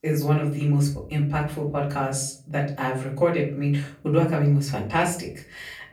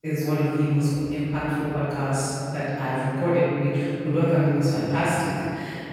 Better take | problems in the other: first | room echo; strong; dies away in 2.9 s; slight in the first // off-mic speech; far; far in the first

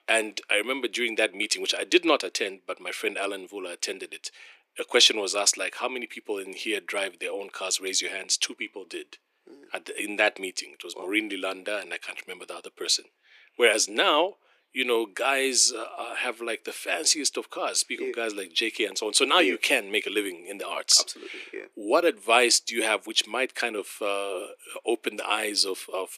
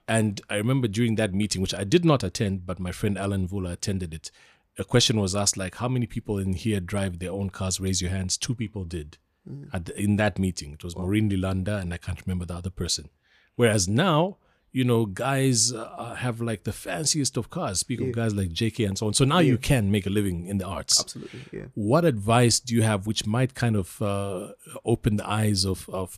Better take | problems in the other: second | thin; very; fading below 300 Hz

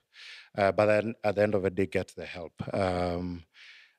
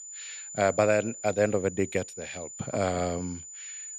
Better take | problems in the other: first | high-pitched whine; noticeable; throughout; 7 kHz, 10 dB below the speech

